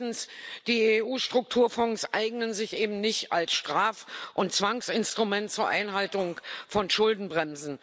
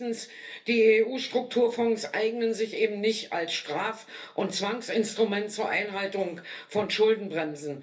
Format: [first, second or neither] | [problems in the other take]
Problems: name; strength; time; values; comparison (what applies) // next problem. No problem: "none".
first | room echo; dies away in 0.3 s